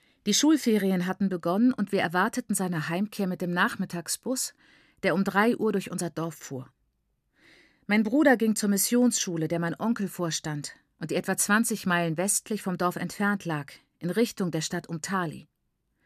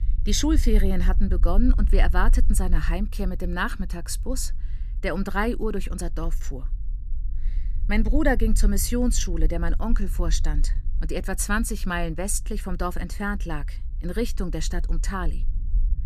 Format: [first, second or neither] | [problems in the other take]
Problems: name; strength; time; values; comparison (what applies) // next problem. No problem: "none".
first | low rumble; faint; throughout; 20 dB below the speech